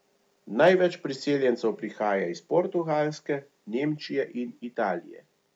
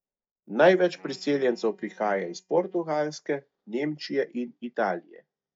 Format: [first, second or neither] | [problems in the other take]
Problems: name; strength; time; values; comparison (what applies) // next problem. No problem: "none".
first | noise reduction (neural mask model DeepFilterNet 3)